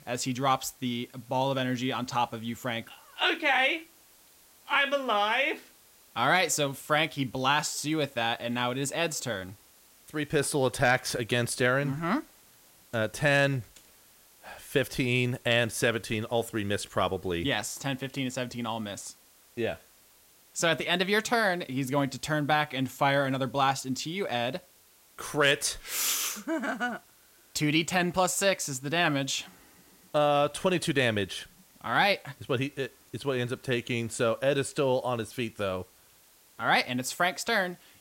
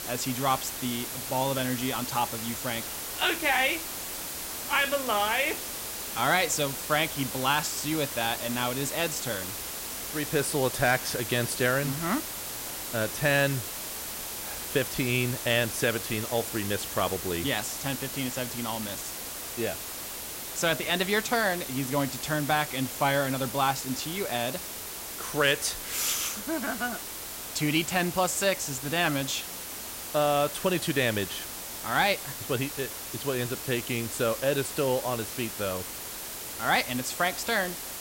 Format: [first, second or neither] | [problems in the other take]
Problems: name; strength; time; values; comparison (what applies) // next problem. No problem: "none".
first | hiss; loud; throughout; 6 dB below the speech; faint in the first